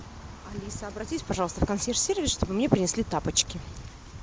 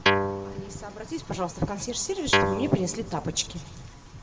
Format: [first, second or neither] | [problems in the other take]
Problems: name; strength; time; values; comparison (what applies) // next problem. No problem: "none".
first | background sound (Guitar); 4 dB above the speech // room echo; dies away in 1.1 s